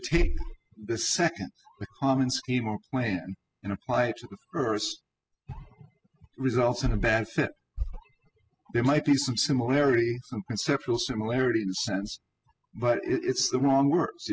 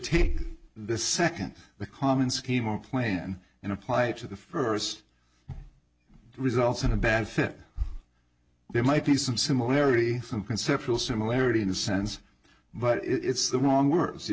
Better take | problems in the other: second | noise reduction (classical method spectral subtraction)

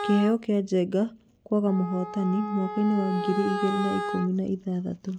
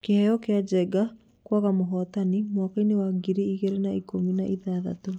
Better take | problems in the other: second | background sound (Wind instrument, woodwind instrument); 8 dB below the speech

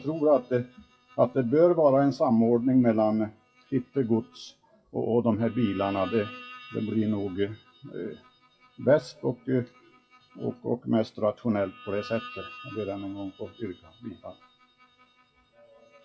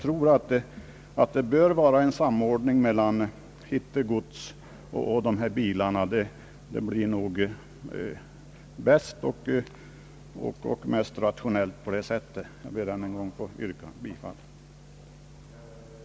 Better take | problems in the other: second | noise reduction (classical method WPE with log-MMSE)

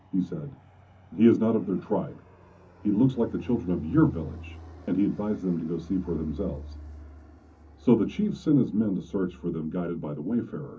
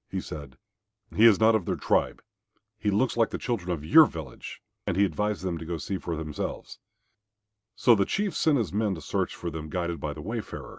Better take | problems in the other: second | background sound (Fixed-wing aircraft, airplane); 18 dB below the speech // room echo; dies away in 0.3 s

